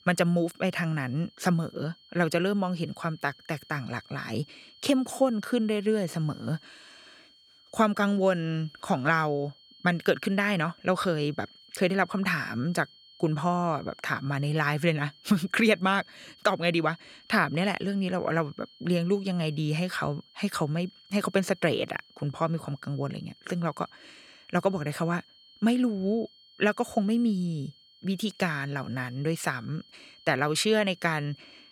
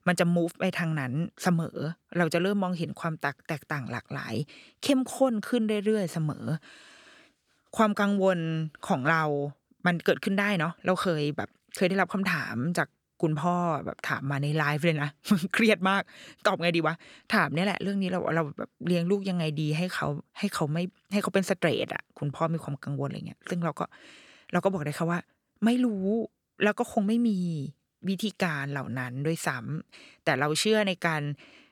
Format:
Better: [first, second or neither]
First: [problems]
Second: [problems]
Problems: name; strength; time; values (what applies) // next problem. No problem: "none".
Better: second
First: high-pitched whine; faint; throughout; 3 kHz, 25 dB below the speech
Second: none